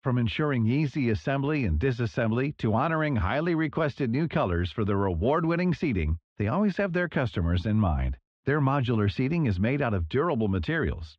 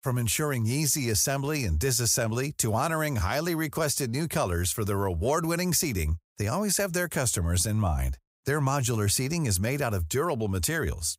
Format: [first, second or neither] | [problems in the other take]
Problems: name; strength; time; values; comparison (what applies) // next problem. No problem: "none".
second | muffled; very; fading above 3.5 kHz